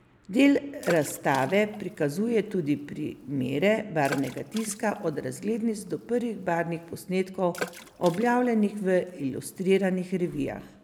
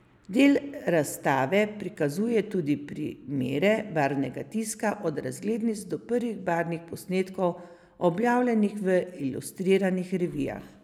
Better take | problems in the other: second | background sound (Water / Splash, splatter); 16 dB below the speech

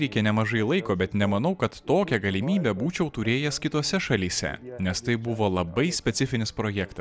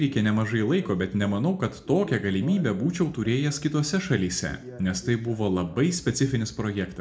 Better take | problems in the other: first | room echo; dies away in 0.4 s

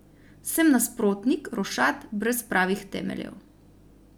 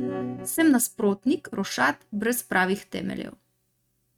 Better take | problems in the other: first | noise reduction (neural mask model RNNoise)

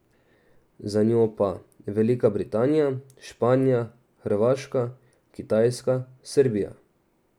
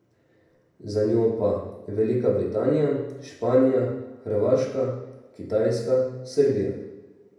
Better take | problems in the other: first | room echo; dies away in 0.9 s

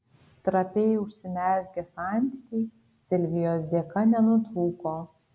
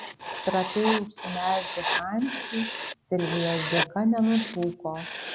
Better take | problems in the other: first | background sound (Writing); 5 dB below the speech

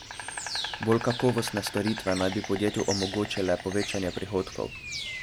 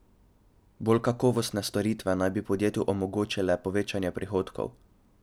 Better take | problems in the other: second | background sound (Insect); 8 dB below the speech

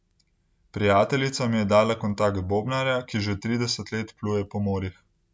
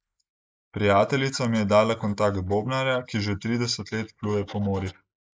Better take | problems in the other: first | noise reduction (neural mask model Resemble Enhance denoiser)

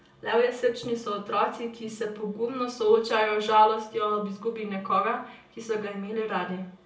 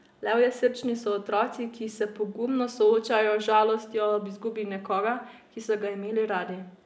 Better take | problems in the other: second | room echo; dies away in 0.3 s

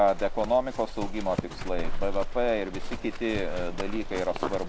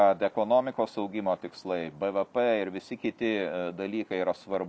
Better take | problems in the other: second | background sound (Livestock, farm animals, working animals); 1 dB below the speech

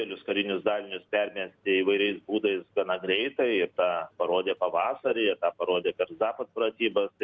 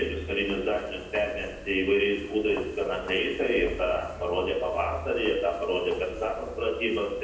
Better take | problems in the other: first | background sound (Walk, footsteps); 14 dB below the speech // room echo; dies away in 0.8 s

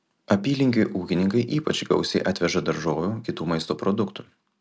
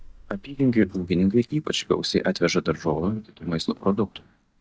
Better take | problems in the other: first | noise reduction (neural mask model DeepFilterNet 3)

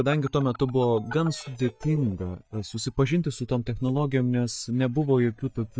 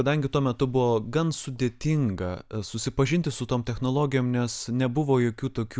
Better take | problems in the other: second | noise reduction (neural mask model DeepFilterNet 3)

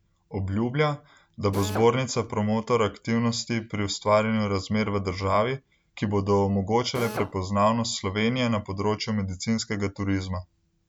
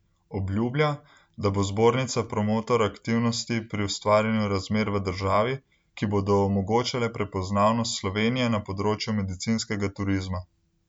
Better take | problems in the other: second | background sound (Drill); 10 dB below the speech

